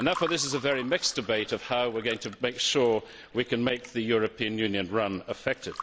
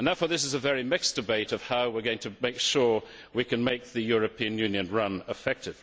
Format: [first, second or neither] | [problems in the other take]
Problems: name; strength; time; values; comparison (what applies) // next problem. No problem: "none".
second | background sound (Fill (with liquid) / Water); 17 dB below the speech